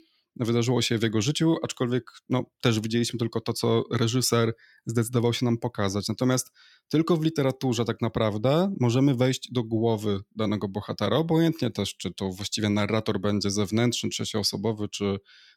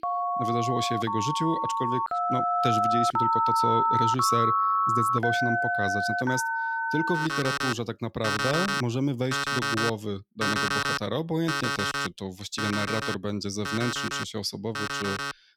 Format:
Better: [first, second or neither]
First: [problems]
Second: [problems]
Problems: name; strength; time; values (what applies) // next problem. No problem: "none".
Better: first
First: none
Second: alarms or sirens; very loud; throughout; 4 dB above the speech